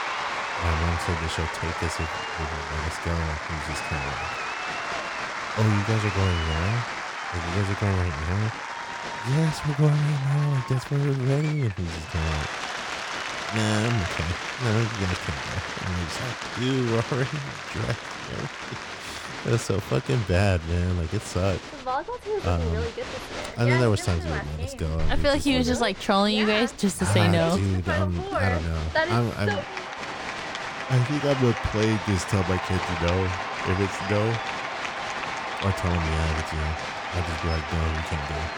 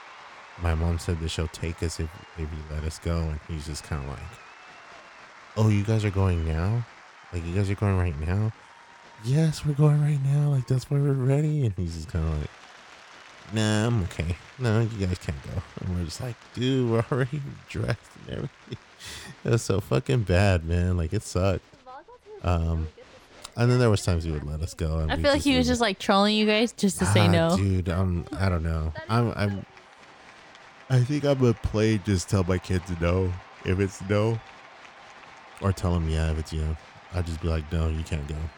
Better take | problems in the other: second | crowd noise; loud; throughout; 4 dB below the speech; faint in the second

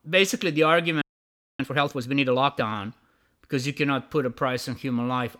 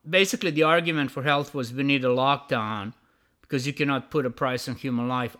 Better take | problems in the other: second | audio freezing; at 1 s for 0.5 s

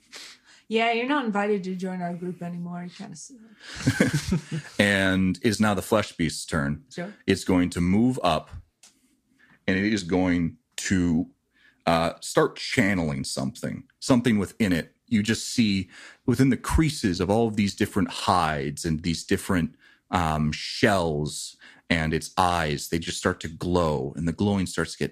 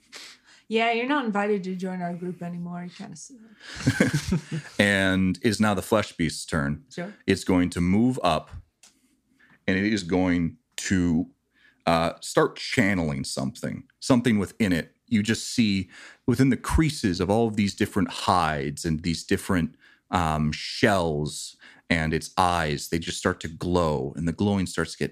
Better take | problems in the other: second | garbled, watery; slightly; nothing above 14.5 kHz

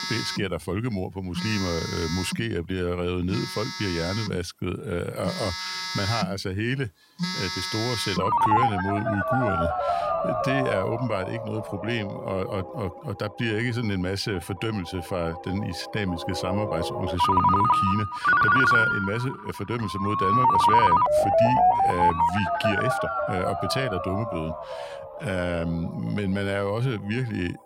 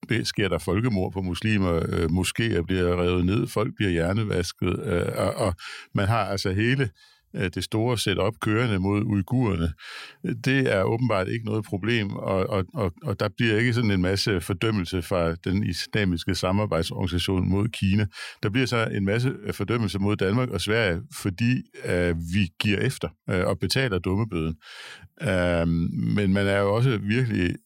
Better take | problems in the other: second | alarms or sirens; very loud; throughout; 4 dB above the speech

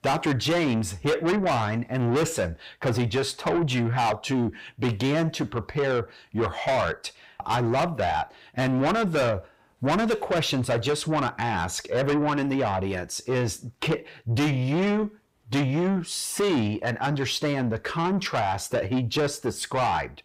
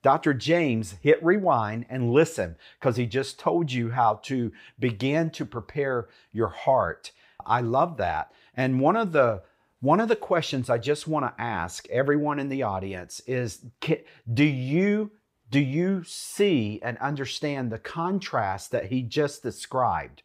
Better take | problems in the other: second | distortion; heavy; 6 dB below the speech

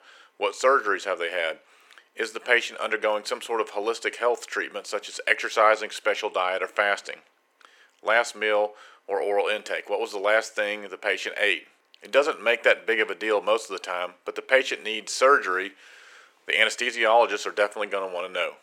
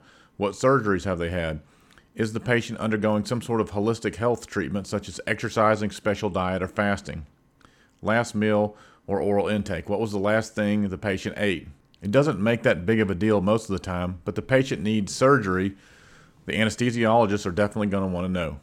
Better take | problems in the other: second | thin; very; fading below 450 Hz

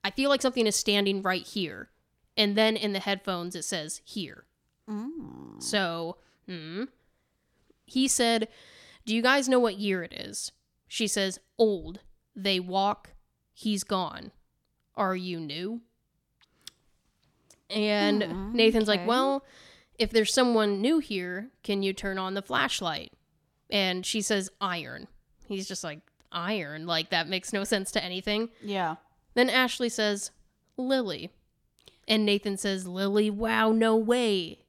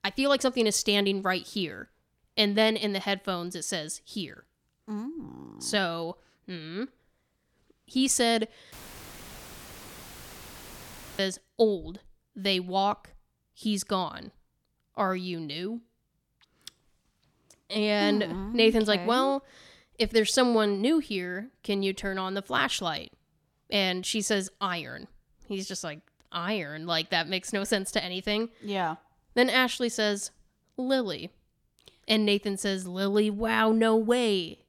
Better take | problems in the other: first | audio cutting out; filled with static; at 8.5 s for 2.5 s

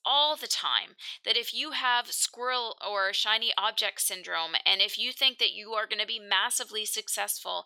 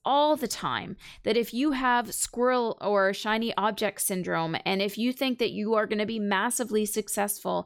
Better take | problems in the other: second | thin; very; fading below 850 Hz

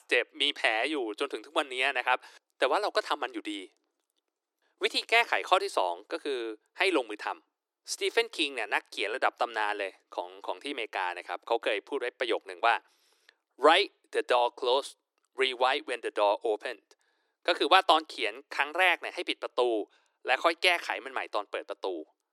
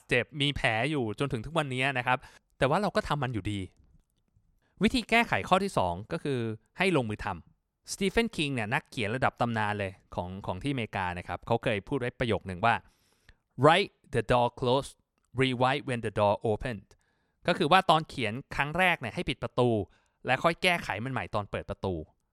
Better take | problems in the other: second | thin; very; fading below 300 Hz

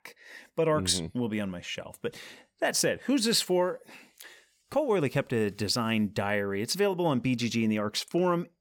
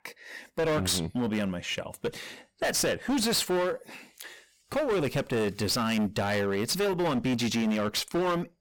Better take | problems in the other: first | distortion; heavy; 21% of the sound clipped

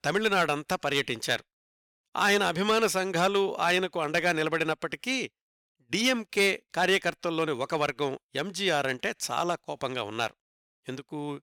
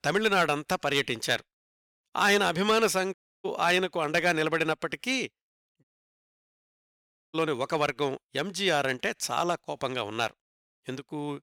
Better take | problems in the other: first | audio cutting out; at 3 s and at 6 s for 1.5 s

